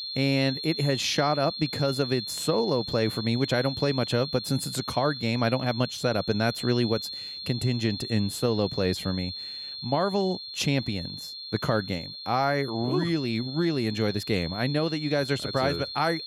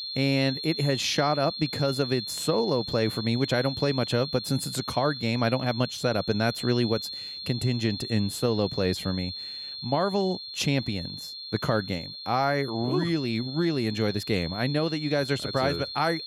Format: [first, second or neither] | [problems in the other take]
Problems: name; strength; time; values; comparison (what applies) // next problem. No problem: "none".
neither | high-pitched whine; loud; throughout; 4 kHz, 7 dB below the speech; the same in both